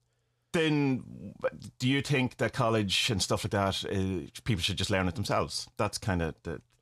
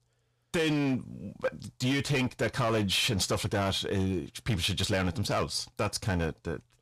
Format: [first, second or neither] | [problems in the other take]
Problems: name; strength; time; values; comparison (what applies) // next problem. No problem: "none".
first | distortion; slight; 11% of the sound clipped